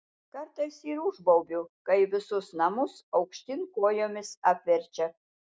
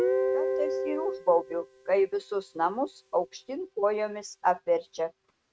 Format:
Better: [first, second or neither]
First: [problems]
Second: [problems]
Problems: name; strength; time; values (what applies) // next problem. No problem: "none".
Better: first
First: none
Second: noise reduction (neural mask model RNNoise)